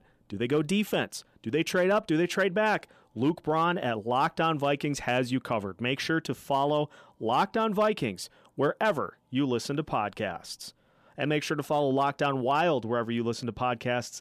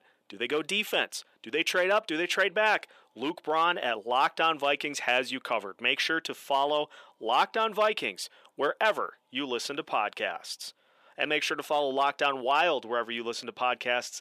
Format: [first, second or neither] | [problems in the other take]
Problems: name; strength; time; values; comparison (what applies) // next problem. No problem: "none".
first | thin; somewhat; fading below 450 Hz